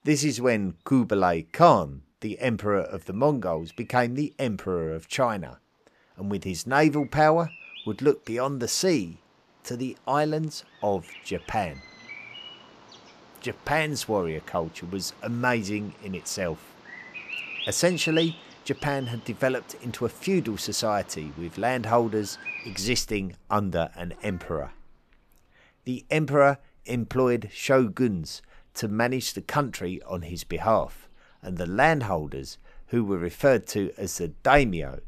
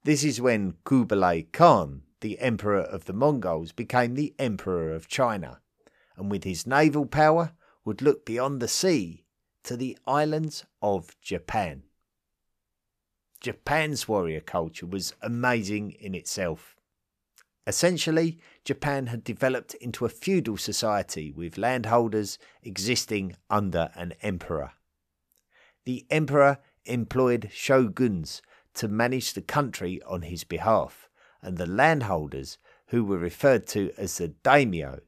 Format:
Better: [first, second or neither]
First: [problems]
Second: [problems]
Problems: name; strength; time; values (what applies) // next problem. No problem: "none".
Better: second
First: animal sounds; noticeable; throughout; 15 dB below the speech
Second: none